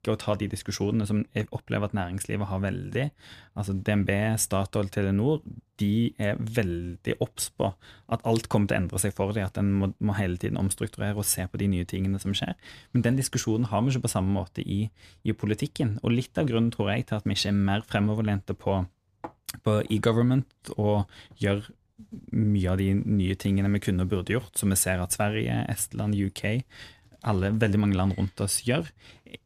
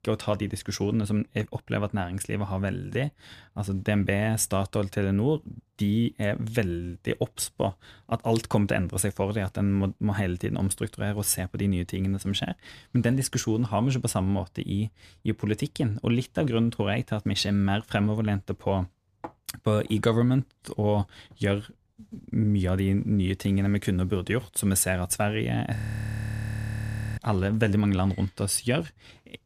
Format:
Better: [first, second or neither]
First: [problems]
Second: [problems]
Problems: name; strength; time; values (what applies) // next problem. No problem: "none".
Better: first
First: none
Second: audio freezing; at 26 s for 1.5 s